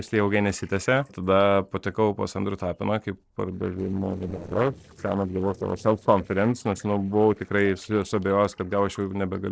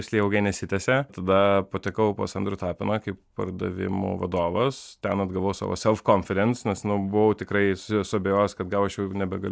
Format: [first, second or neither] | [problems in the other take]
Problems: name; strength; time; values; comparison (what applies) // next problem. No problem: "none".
second | noise reduction (neural separator model SepFormer DNS4)